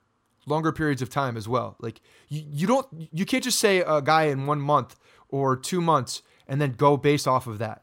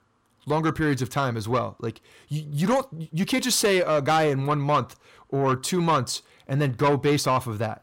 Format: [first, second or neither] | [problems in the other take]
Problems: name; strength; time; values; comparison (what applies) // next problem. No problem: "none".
first | distortion; slight; 10 dB below the speech